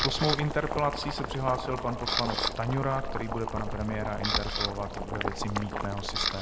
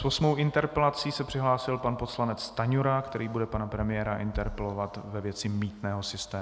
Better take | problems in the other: second | background sound (Boiling + Camera); 1 dB below the speech

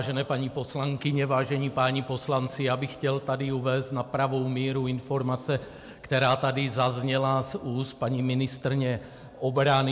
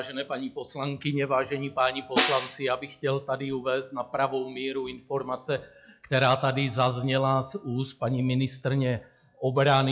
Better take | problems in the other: first | noise reduction (classical method log-MMSE)

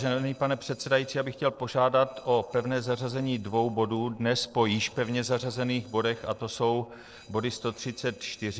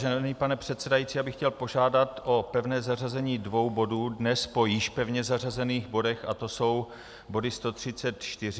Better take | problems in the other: second | noise reduction (neural separator model SepFormer DNS4)

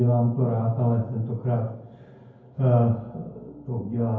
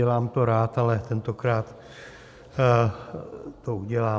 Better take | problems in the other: second | room echo; dies away in 0.9 s

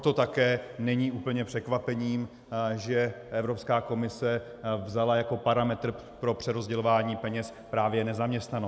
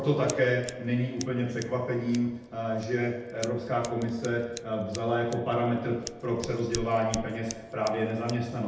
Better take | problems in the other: first | background sound (Scissors); 16 dB below the speech // room echo; dies away in 0.8 s

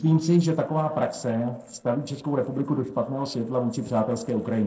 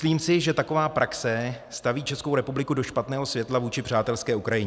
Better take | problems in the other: second | noise reduction (neural separator model SepFormer DNS4)

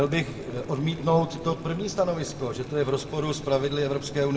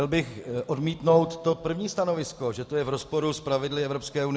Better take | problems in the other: second | background sound (Boiling); 12 dB below the speech // room echo; dies away in 1.1 s

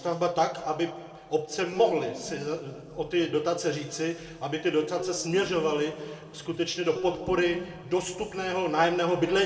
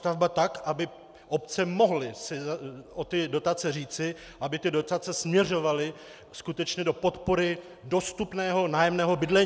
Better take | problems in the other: second | background sound (Guitar); 15 dB below the speech // room echo; dies away in 1.4 s

